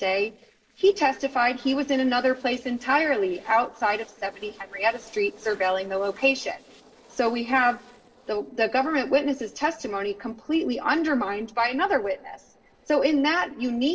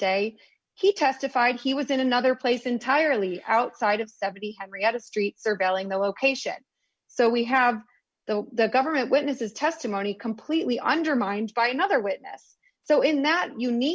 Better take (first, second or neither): second